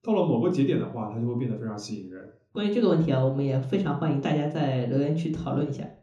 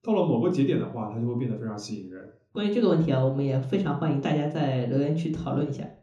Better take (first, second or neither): neither